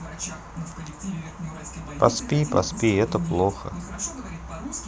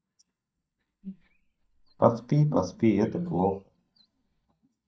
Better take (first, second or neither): first